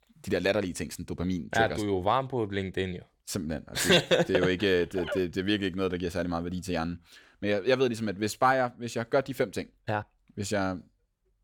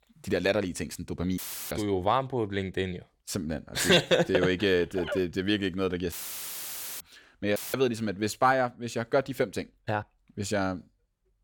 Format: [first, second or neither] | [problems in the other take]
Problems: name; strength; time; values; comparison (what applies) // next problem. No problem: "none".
first | audio cutting out; filled with static; at 1.5 s, at 6 s for 1 s and at 7.5 s